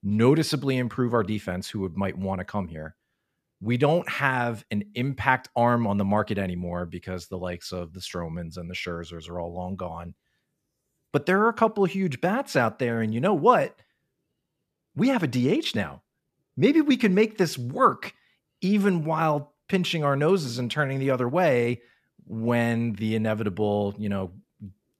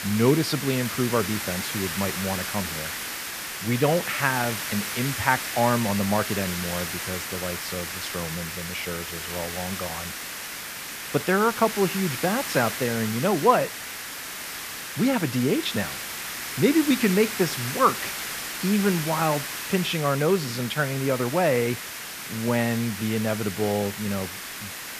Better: first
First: none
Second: hiss; loud; throughout; 5 dB below the speech

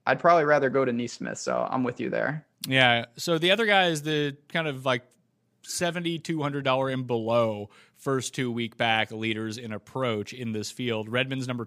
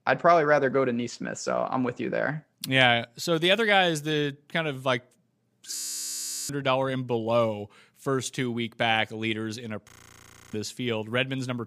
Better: first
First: none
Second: audio freezing; at 6 s for 0.5 s and at 10 s for 0.5 s

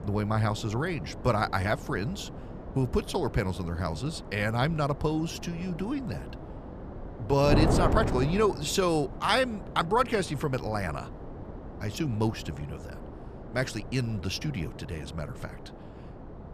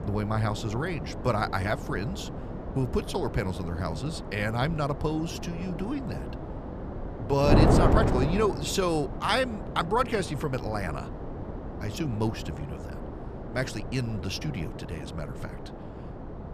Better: first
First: wind noise on the microphone; occasional gusts; 10 dB below the speech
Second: wind noise on the microphone; heavy; 6 dB below the speech

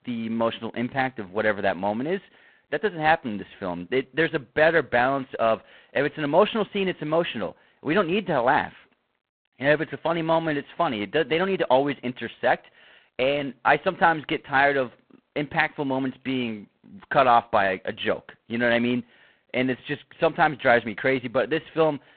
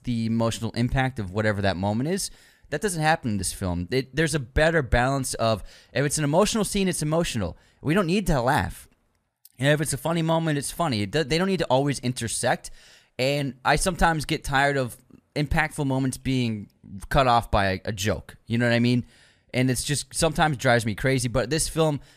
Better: second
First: phone-call audio; poor line; nothing above 4 kHz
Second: none

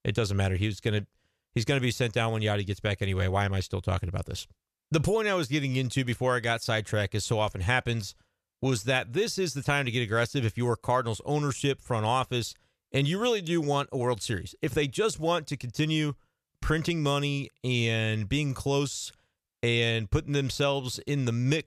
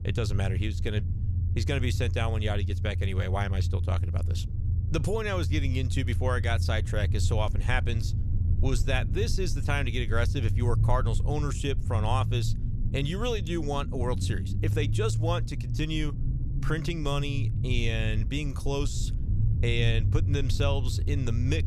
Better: first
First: none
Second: low rumble; noticeable; throughout; 10 dB below the speech

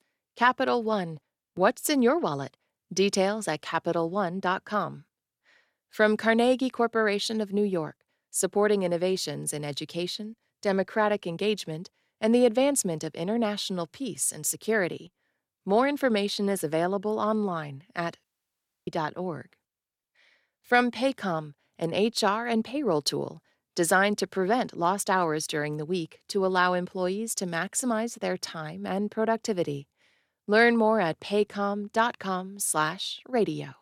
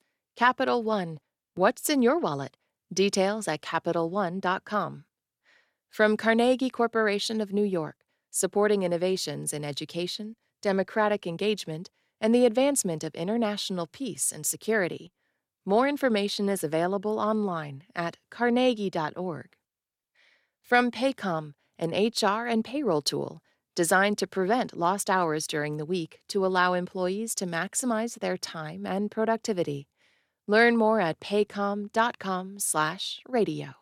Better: second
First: audio cutting out; at 18 s for 0.5 s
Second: none

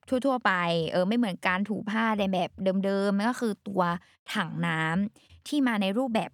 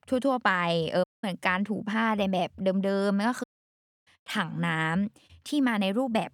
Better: first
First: none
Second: audio cutting out; at 1 s and at 3.5 s for 0.5 s

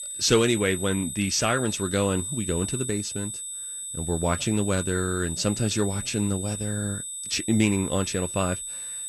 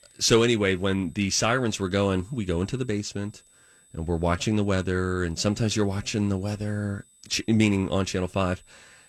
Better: second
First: high-pitched whine; loud; throughout; 8 kHz, 5 dB below the speech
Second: high-pitched whine; faint; throughout; 8 kHz, 30 dB below the speech

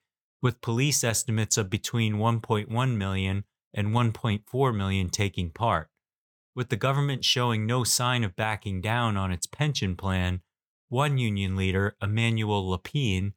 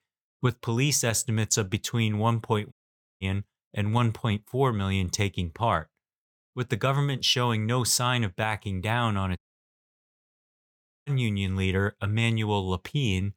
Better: first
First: none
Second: audio cutting out; at 2.5 s and at 9.5 s for 1.5 s

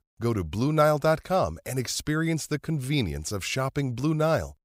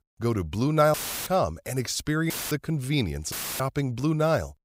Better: first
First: none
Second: audio cutting out; filled with static; at 1 s, at 2.5 s and at 3.5 s

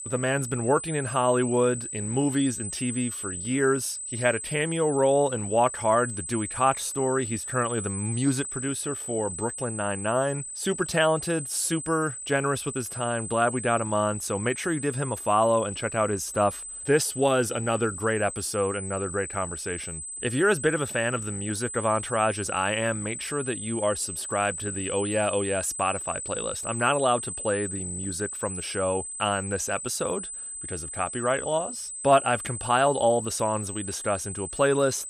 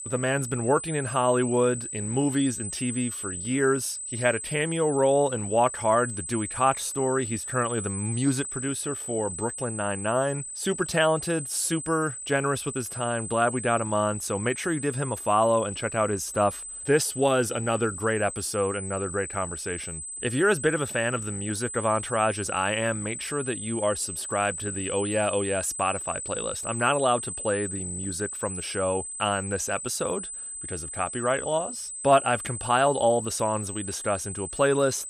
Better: neither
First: high-pitched whine; loud; throughout; 8 kHz, 7 dB below the speech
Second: high-pitched whine; loud; throughout; 8 kHz, 7 dB below the speech

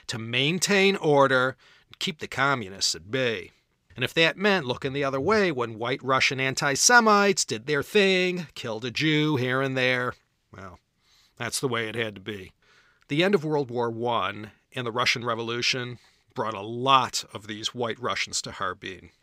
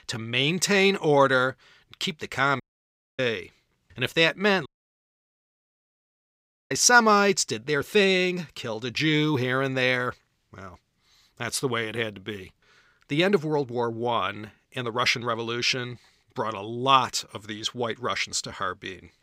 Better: first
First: none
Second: audio cutting out; at 2.5 s for 0.5 s and at 4.5 s for 2 s

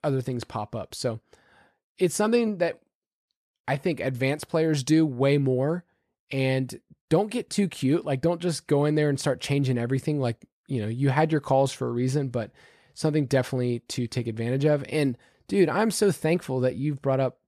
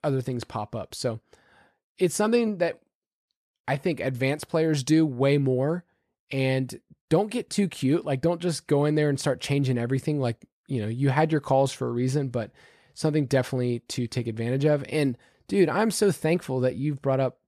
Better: neither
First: none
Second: none

